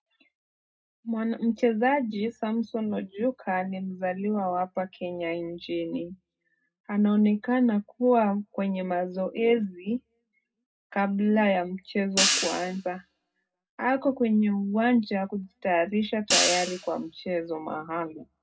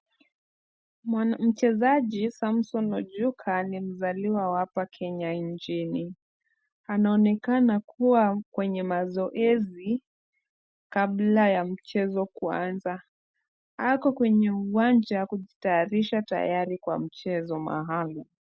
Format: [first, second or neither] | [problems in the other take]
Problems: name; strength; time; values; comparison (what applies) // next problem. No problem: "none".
second | background sound (Hi-hat); 2 dB below the speech // room echo; dies away in 0.2 s